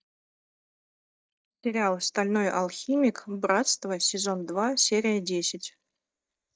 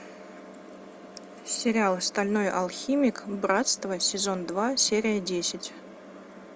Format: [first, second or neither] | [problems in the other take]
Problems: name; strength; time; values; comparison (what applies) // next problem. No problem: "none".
second | noise reduction (neural mask model DeepFilterNet 3)